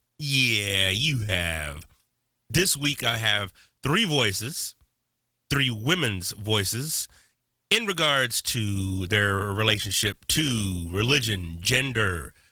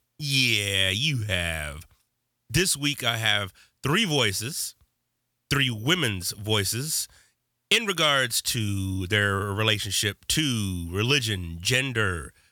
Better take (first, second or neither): second